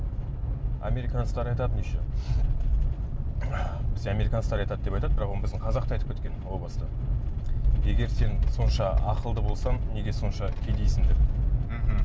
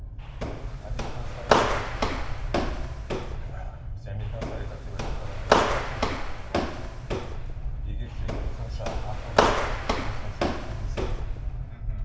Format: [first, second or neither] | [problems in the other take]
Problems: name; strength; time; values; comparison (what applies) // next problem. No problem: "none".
first | background sound (Walk, footsteps); 4 dB above the speech // room echo; dies away in 2.4 s